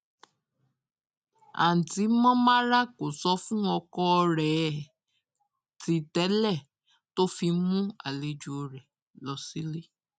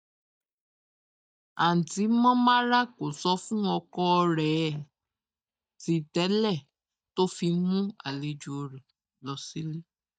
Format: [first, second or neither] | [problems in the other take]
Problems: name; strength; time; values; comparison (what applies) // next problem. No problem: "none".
first | noise reduction (neural mask model DeepFilterNet 3)